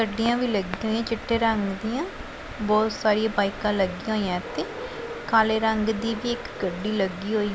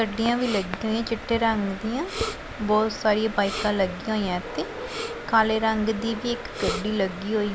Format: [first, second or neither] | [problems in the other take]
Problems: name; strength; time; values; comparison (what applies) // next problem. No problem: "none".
first | background sound (Respiratory sounds); 13 dB below the speech